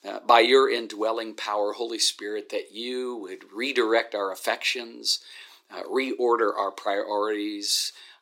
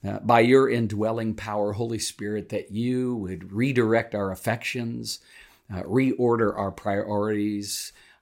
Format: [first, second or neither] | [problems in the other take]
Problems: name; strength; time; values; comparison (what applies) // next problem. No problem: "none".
second | thin; very; fading below 300 Hz